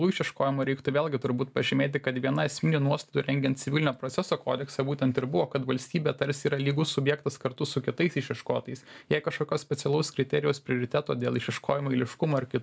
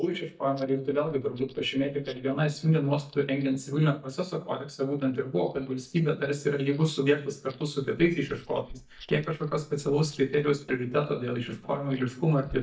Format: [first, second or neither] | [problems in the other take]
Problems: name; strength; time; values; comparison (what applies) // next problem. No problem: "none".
first | noise reduction (neural mask model DeepFilterNet 3)